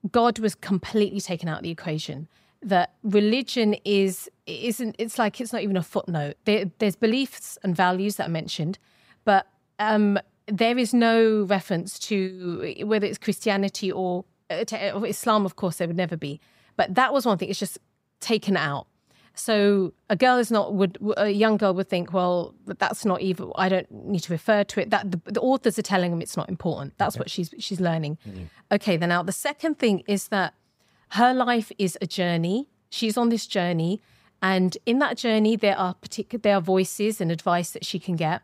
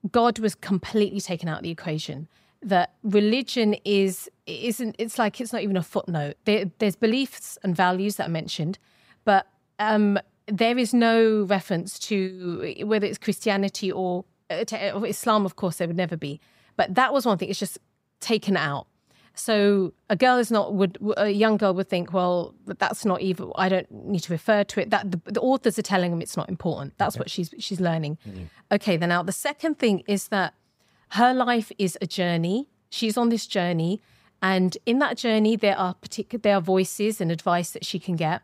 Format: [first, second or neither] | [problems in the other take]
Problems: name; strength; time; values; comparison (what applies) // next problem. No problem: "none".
neither | none